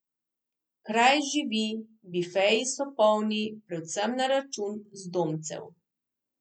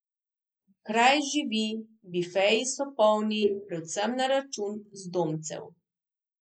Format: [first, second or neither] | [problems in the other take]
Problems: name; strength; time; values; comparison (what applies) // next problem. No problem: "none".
first | noise reduction (neural mask model Resemble Enhance denoiser)